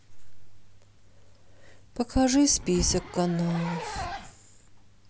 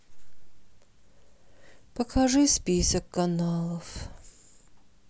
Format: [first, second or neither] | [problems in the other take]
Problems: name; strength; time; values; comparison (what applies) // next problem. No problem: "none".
second | background sound (Zipper (clothing)); 15 dB below the speech